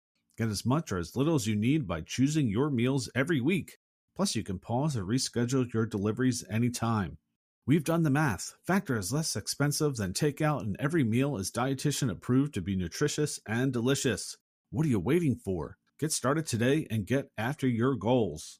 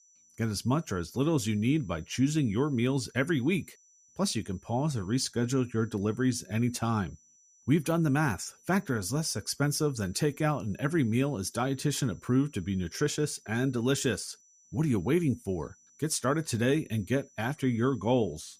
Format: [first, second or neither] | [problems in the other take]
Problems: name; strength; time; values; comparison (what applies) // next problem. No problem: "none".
first | high-pitched whine; faint; throughout; 6 kHz, 30 dB below the speech